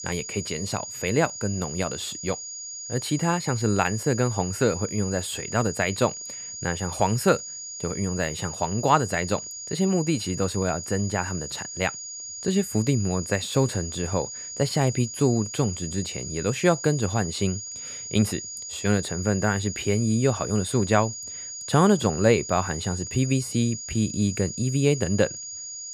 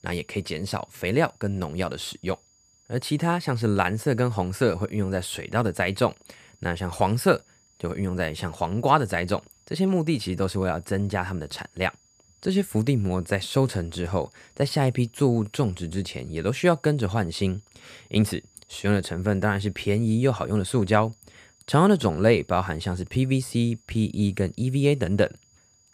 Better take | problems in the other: second | high-pitched whine; loud; throughout; 7 kHz, 8 dB below the speech; faint in the second

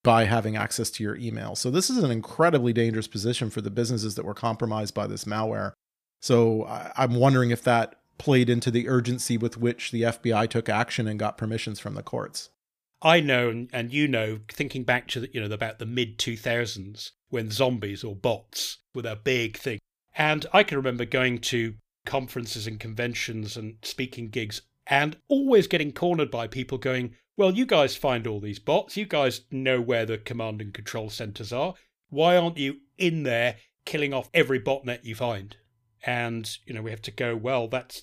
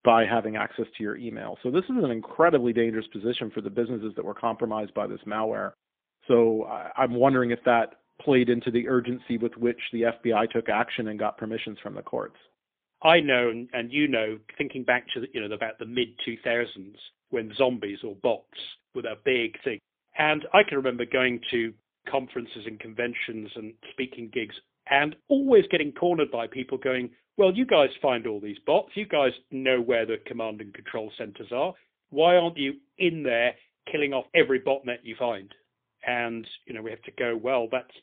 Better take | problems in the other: first | phone-call audio; poor line; nothing above 3.5 kHz

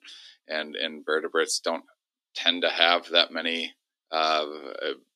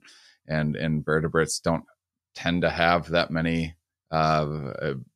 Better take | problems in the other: second | thin; somewhat; fading below 250 Hz

